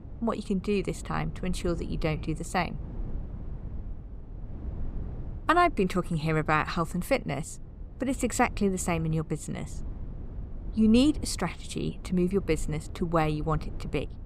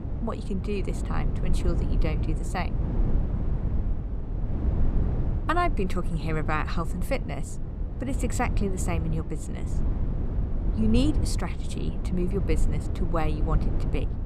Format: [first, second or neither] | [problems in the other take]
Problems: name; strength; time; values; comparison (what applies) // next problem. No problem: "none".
first | low rumble; loud; throughout; 9 dB below the speech; faint in the first